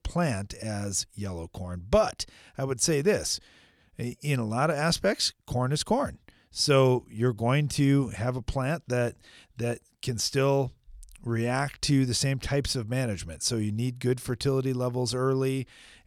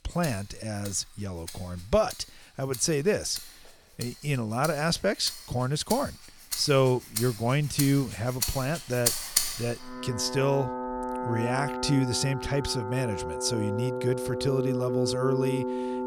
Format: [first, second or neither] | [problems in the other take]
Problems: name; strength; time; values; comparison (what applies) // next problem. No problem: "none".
first | background music; loud; throughout; 5 dB below the speech